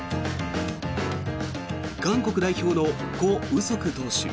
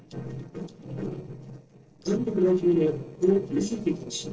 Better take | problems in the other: first | noise reduction (neural separator model SepFormer DNS4)

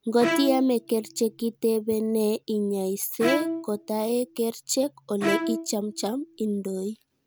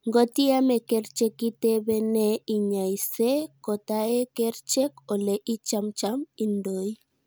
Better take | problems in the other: second | background sound (Bowed string instrument); 6 dB below the speech

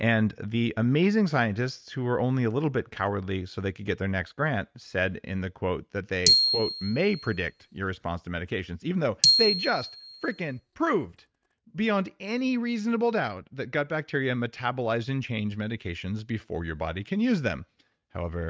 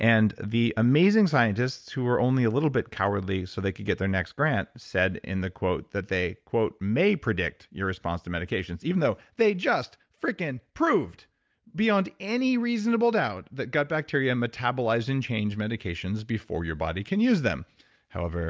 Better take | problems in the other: second | noise reduction (neural mask model RNNoise)

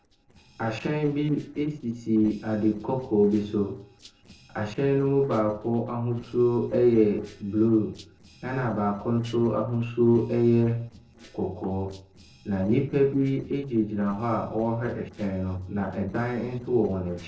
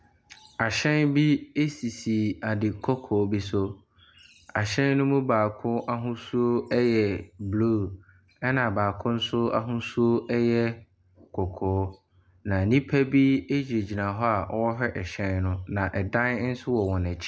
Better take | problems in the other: second | noise reduction (neural separator model SepFormer DNS4)

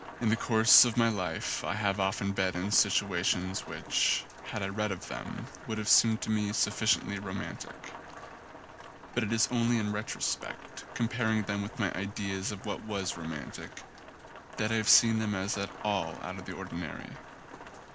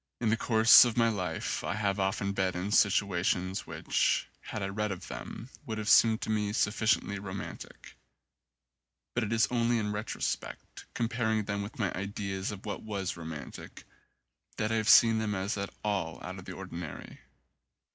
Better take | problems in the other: second | background sound (Rain); 15 dB below the speech

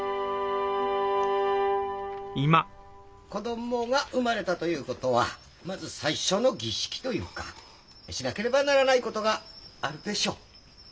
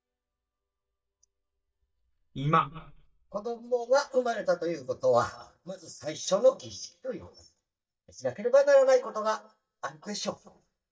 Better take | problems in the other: first | noise reduction (neural mask model DeepFilterNet 3)

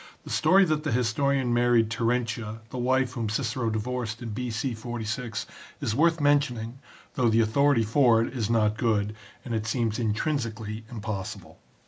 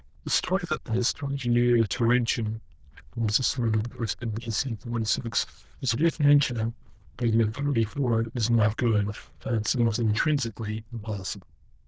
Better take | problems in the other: first | noise reduction (neural diffusion model UNIVERSE++)

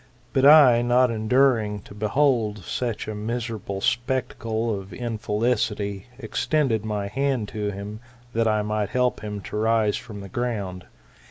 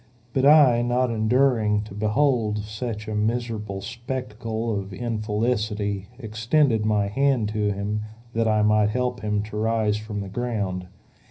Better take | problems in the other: first | room echo; dies away in 0.4 s

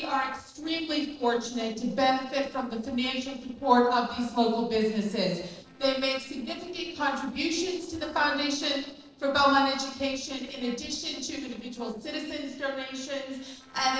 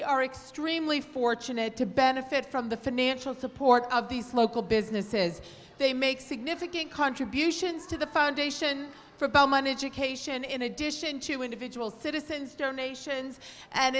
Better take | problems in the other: second | noise reduction (neural separator model SepFormer DNS4)

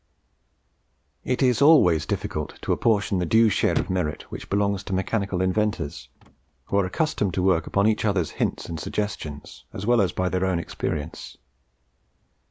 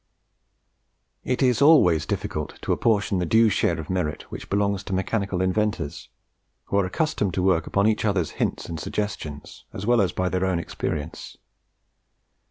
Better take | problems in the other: second | background sound (Chirp, tweet / Slam / Car); 19 dB below the speech

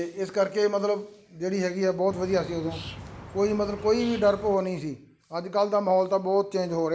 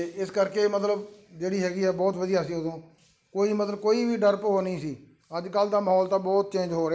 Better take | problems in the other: second | background sound (Bird); 14 dB below the speech

